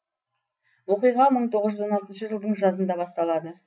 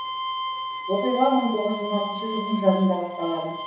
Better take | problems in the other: first | background sound (Bowed string instrument); 7 dB below the speech // room echo; dies away in 0.7 s

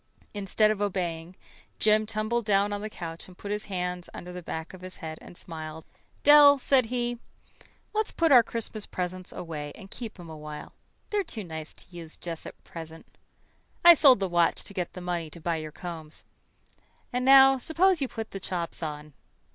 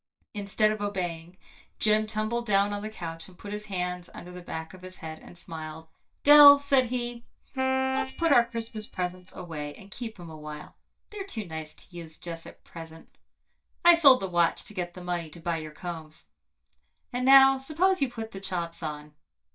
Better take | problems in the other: first | noise reduction (neural mask model DeepFilterNet 3)

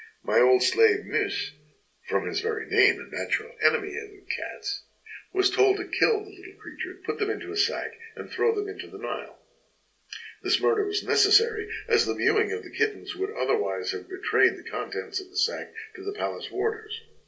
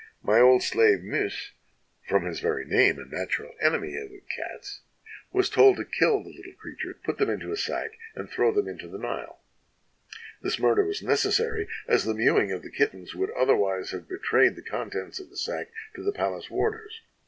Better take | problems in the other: second | room echo; dies away in 0.2 s

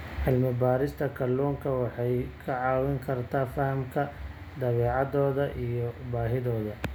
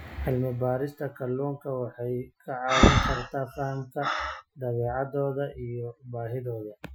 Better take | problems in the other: first | noise reduction (classical method Wiener filter)

